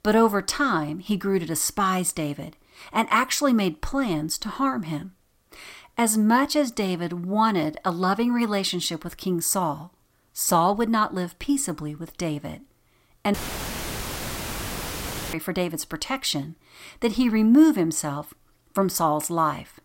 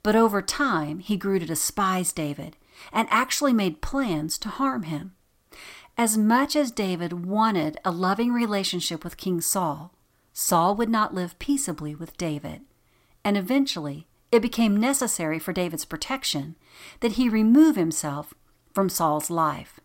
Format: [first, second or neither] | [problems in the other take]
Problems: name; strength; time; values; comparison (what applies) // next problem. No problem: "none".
second | audio cutting out; filled with static; at 13 s for 2 s